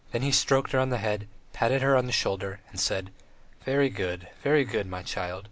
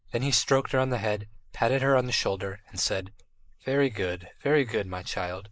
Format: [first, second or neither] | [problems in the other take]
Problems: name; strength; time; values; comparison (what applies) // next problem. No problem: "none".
first | noise reduction (neural mask model Resemble Enhance denoiser)